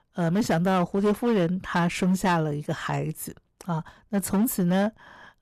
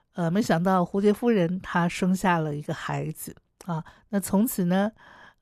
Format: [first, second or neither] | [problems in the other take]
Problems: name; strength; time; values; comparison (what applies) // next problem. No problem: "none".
second | distortion; slight; 8% of the sound clipped